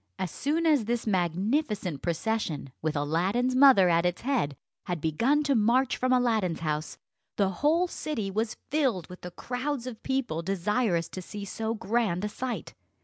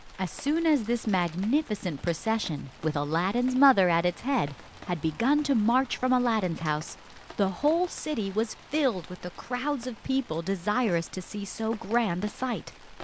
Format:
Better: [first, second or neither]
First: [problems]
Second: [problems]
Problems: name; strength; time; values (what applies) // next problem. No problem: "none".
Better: first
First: none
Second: background sound (Rain); 19 dB below the speech